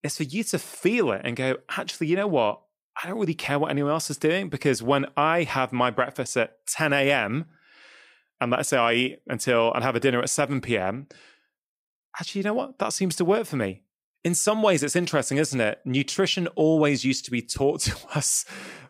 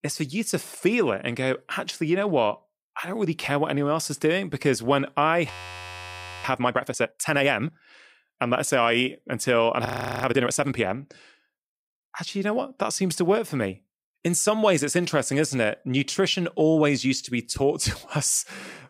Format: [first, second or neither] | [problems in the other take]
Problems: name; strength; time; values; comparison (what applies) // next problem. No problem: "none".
first | audio freezing; at 5.5 s for 1 s and at 10 s